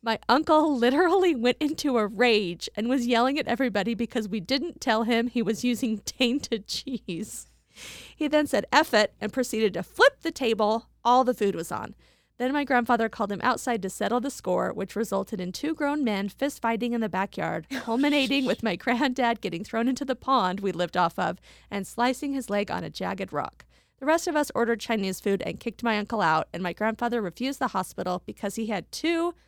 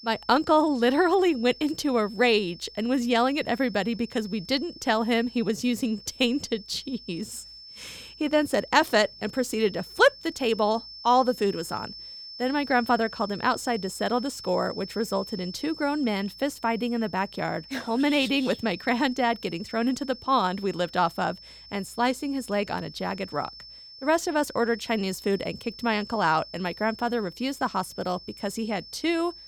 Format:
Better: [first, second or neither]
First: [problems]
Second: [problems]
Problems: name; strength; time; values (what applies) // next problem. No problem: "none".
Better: first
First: none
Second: high-pitched whine; noticeable; throughout; 5.5 kHz, 15 dB below the speech